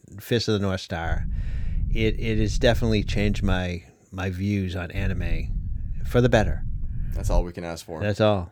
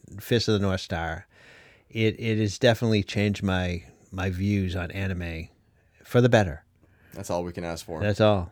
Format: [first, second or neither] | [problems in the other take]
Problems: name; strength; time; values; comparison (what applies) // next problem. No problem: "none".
second | low rumble; faint; from 1 to 3.5 s and from 5 to 7.5 s; 20 dB below the speech